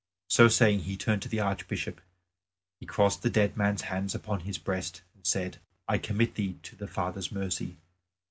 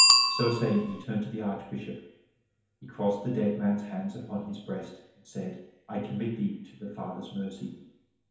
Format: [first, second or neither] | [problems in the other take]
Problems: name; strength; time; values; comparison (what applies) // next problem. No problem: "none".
first | background sound (Bicycle bell); as loud as the speech // room echo; dies away in 2.2 s